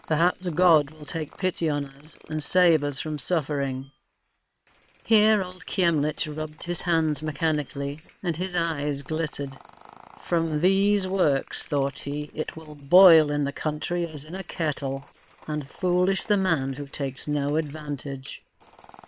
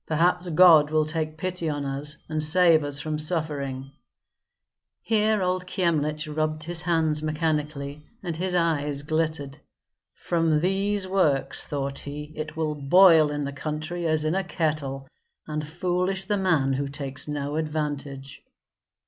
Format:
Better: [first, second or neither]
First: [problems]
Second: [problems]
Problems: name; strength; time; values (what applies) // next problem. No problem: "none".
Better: second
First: noise reduction (neural separator model SepFormer WHAM!)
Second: none